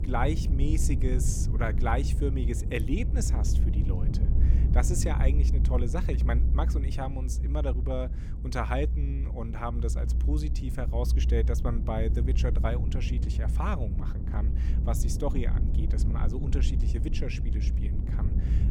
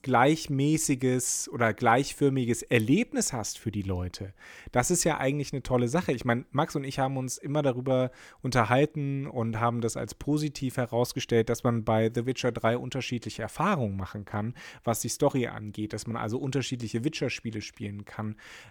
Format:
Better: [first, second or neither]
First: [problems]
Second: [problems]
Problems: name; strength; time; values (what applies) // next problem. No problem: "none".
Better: second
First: low rumble; loud; throughout; 8 dB below the speech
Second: none